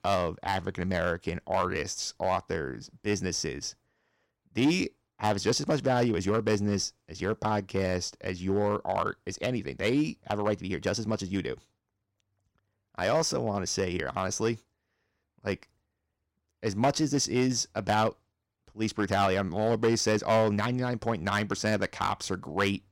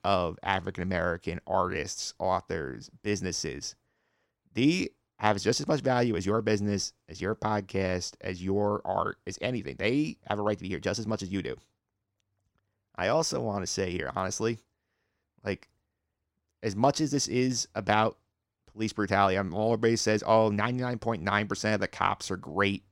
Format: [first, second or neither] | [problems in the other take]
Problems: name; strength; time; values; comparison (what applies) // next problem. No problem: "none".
second | distortion; slight; 2% of the sound clipped